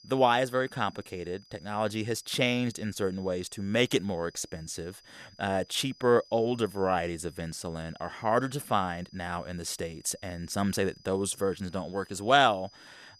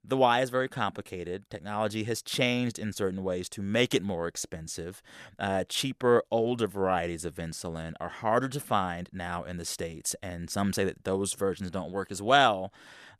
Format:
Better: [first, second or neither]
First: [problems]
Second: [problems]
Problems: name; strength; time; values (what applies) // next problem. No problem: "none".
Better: second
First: high-pitched whine; faint; throughout; 5 kHz, 25 dB below the speech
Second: none